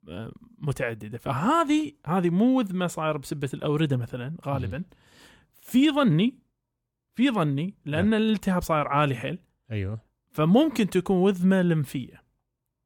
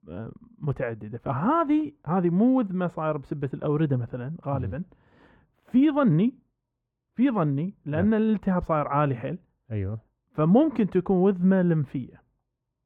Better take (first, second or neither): first